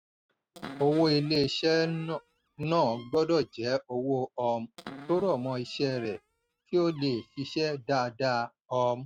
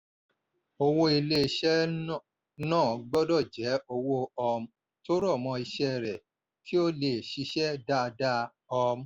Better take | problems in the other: second | noise reduction (neural mask model RNNoise)

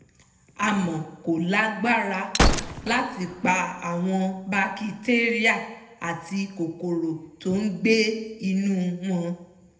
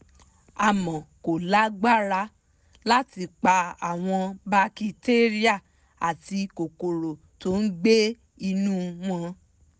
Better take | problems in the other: second | background sound (Gunshot, gunfire); 2 dB below the speech // room echo; dies away in 0.8 s

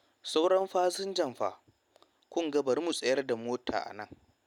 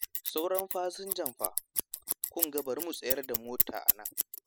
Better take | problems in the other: first | noise reduction (classical method spectral subtraction)

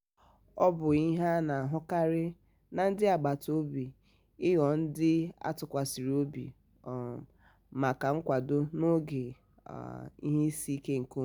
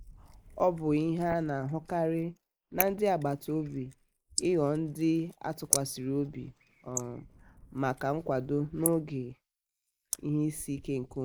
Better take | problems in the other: first | noise reduction (neural mask model Resemble Enhance denoiser)

